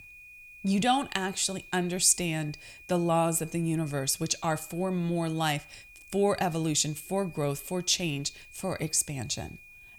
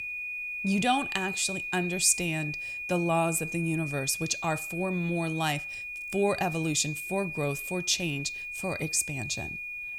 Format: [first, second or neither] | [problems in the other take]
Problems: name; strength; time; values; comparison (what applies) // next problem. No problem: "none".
first | high-pitched whine; loud; throughout; 2.5 kHz, 5 dB below the speech; faint in the first